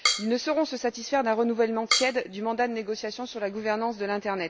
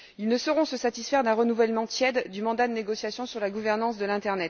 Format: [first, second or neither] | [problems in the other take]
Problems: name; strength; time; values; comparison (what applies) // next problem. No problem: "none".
second | background sound (Drum kit); 6 dB below the speech